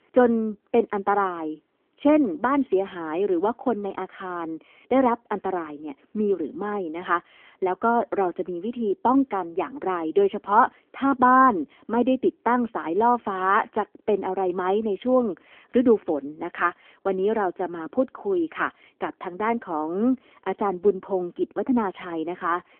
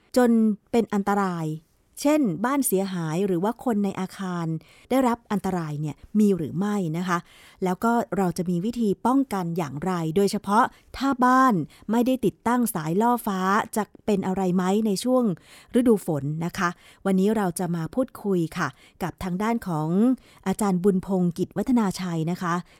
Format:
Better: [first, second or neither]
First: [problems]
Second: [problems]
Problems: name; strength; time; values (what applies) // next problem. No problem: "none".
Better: second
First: phone-call audio; nothing above 3 kHz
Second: none